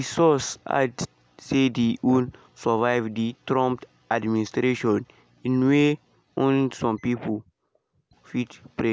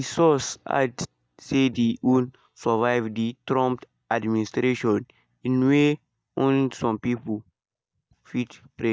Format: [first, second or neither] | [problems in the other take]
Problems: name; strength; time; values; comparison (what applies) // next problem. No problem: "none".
first | noise reduction (neural mask model DeepFilterNet 3)